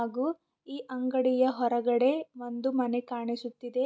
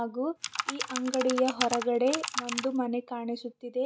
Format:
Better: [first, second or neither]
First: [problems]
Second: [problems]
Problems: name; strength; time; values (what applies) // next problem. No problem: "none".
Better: first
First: none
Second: background sound (Computer keyboard); 5 dB below the speech